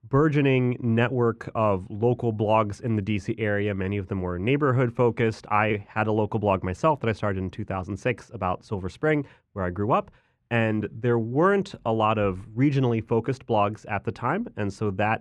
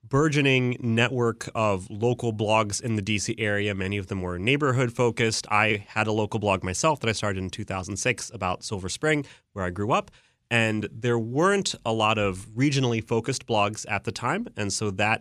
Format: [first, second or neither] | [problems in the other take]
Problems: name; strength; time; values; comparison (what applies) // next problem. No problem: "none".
second | muffled; very; fading above 3 kHz